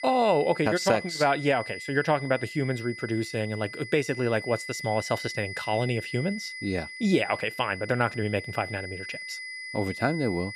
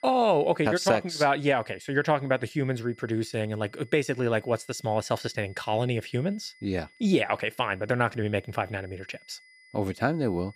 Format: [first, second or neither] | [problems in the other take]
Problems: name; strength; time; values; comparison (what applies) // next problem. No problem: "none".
second | high-pitched whine; loud; throughout; 2 kHz, 10 dB below the speech; faint in the second